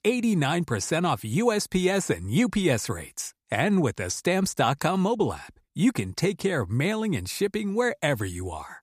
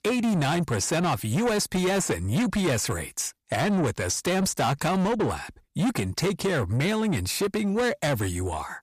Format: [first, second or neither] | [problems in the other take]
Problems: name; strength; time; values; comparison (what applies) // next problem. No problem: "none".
first | distortion; heavy; 8 dB below the speech